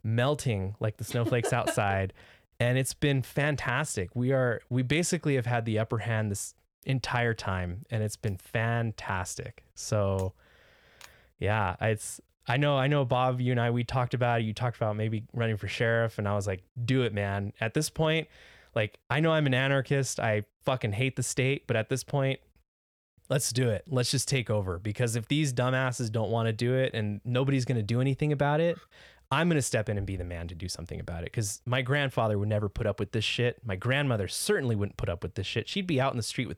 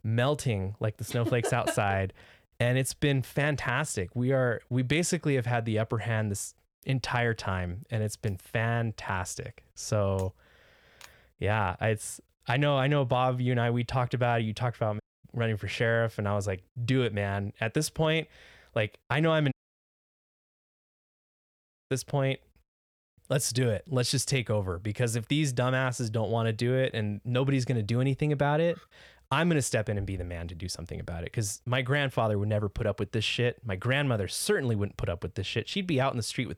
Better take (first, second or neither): first